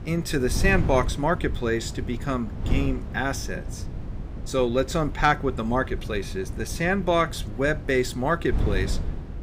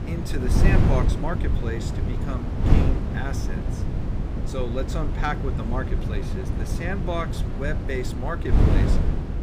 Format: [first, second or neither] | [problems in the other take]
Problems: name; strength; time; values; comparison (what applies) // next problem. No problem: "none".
first | wind noise on the microphone; heavy; 2 dB below the speech; occasional gusts in the first